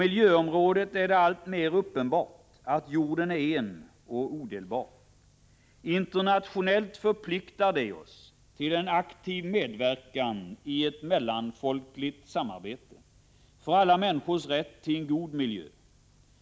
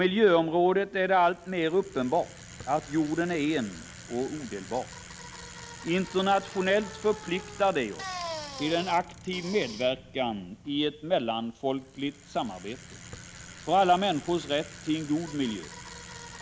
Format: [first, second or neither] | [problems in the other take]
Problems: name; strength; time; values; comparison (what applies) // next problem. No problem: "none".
first | background sound (Bicycle); 16 dB below the speech